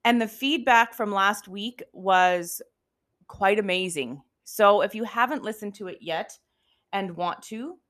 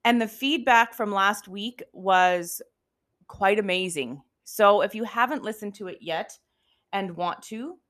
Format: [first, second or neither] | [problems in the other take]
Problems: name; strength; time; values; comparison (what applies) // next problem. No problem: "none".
neither | none